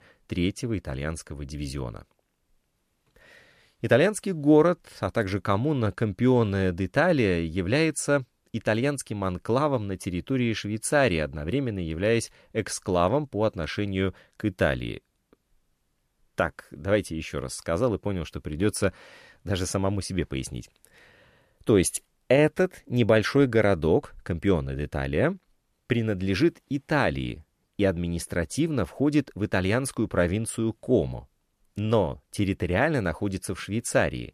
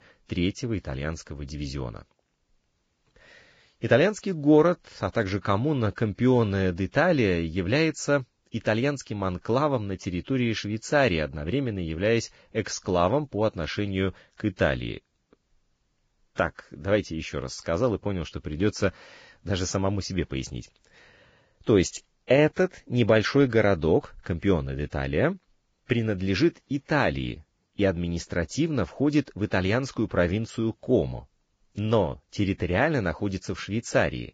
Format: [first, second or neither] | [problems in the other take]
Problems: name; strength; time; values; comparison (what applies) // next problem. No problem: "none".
first | garbled, watery; badly; nothing above 7.5 kHz